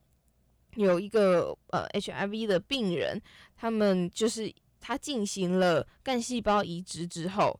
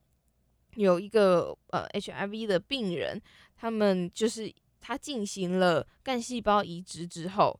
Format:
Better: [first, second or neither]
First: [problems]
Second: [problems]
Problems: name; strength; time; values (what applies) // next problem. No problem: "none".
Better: second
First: distortion; slight; 10 dB below the speech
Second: none